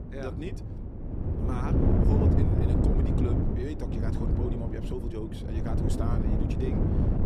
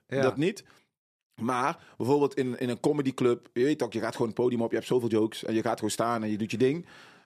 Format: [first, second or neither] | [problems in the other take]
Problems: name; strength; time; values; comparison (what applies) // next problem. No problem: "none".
second | wind noise on the microphone; heavy; 4 dB above the speech